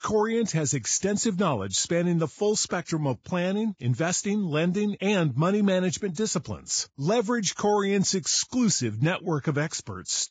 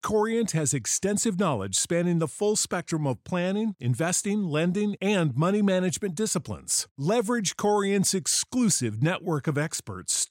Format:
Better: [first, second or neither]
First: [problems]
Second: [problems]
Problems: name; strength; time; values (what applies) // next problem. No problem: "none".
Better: second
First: garbled, watery; badly; nothing above 7.5 kHz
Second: none